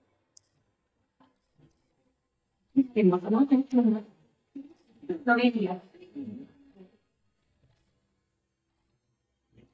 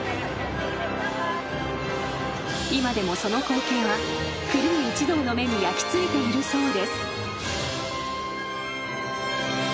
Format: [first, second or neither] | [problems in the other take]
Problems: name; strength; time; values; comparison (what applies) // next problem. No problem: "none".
second | noise reduction (neural mask model DeepFilterNet 3)